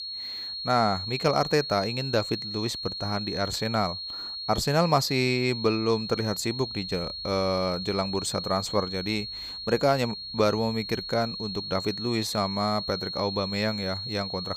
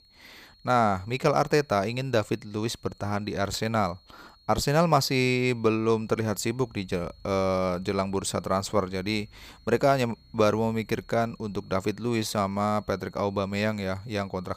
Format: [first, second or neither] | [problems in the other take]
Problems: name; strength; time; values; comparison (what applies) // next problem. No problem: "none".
second | high-pitched whine; loud; throughout; 4.5 kHz, 5 dB below the speech; faint in the second